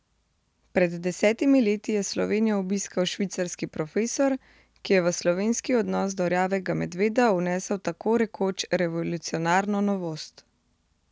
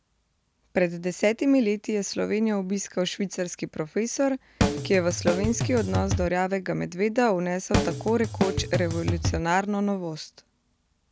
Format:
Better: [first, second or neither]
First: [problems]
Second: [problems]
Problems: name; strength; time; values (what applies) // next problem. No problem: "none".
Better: first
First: none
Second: background sound (Drum kit); as loud as the speech